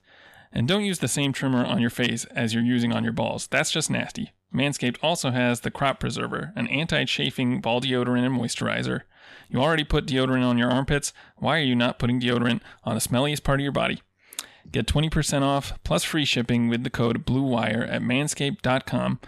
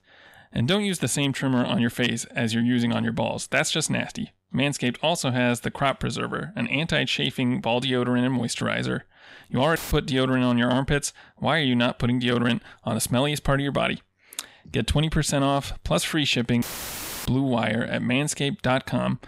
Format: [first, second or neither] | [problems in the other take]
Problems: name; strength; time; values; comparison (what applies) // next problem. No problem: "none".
first | audio cutting out; filled with static; at 10 s and at 17 s for 0.5 s